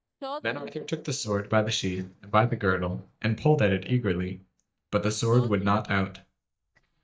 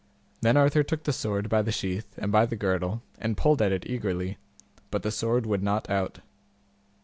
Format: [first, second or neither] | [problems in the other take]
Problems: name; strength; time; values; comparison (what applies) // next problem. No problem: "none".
second | noise reduction (neural mask model DeepFilterNet 3)